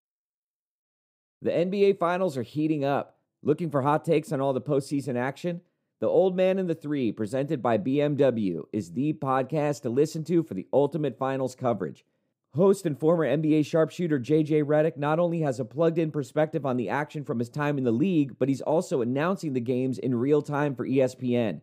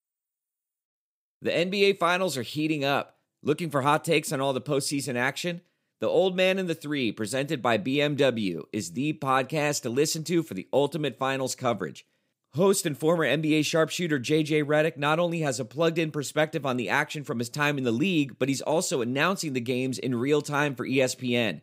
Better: second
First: muffled; slightly; fading above 1.5 kHz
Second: none

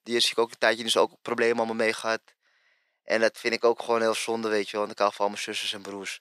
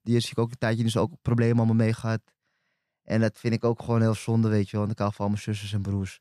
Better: second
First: thin; very; fading below 400 Hz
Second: none

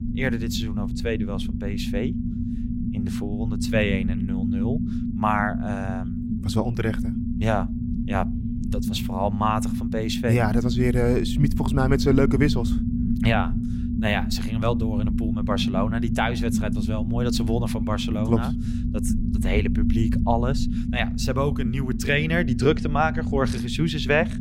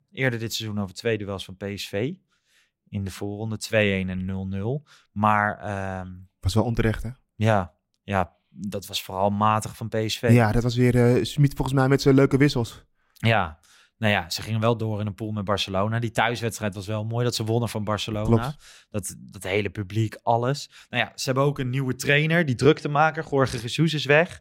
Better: second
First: low rumble; loud; throughout; 7 dB below the speech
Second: none

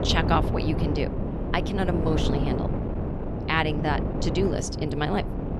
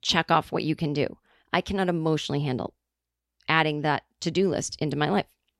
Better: second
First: wind noise on the microphone; heavy; 6 dB below the speech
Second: none

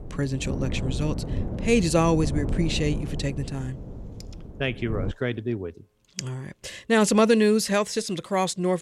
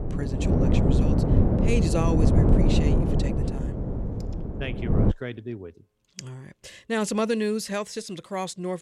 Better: first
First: wind noise on the microphone; occasional gusts; until 5 s; 15 dB below the speech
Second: wind noise on the microphone; heavy; until 5 s; 1 dB above the speech

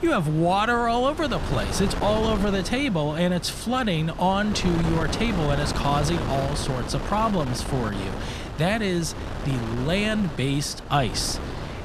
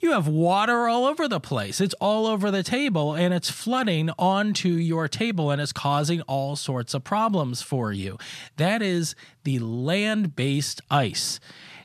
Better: second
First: wind noise on the microphone; heavy; 8 dB below the speech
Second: none

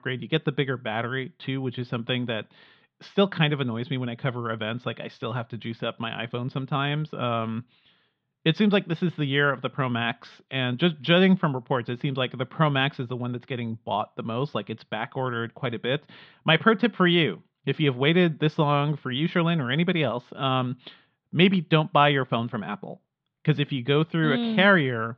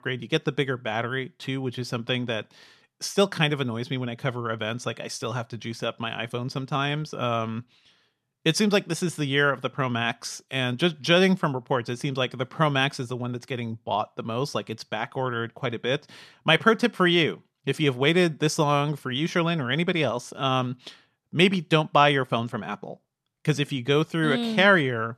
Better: second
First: muffled; very; fading above 3.5 kHz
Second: none

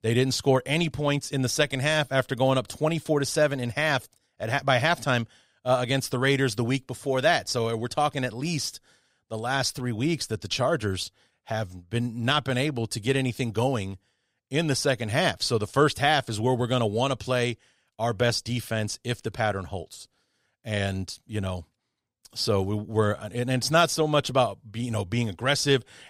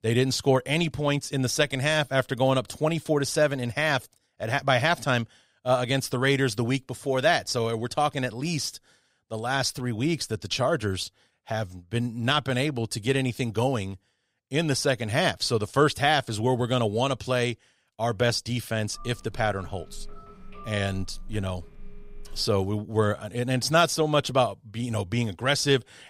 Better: first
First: none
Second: phone ringing; faint; from 19 to 22 s; peak 20 dB below the speech

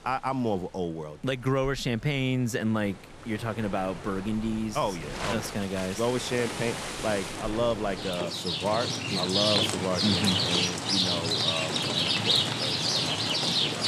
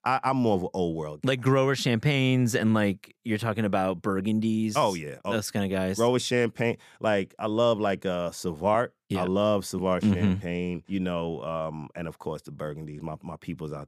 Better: second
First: rain or running water; very loud; throughout; 4 dB above the speech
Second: none

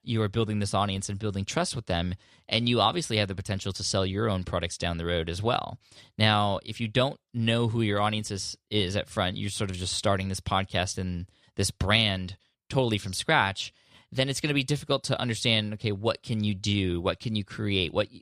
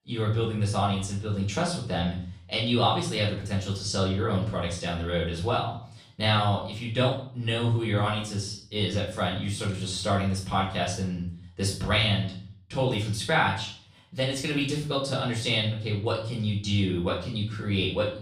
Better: first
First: none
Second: off-mic speech; far // room echo; noticeable; dies away in 0.5 s

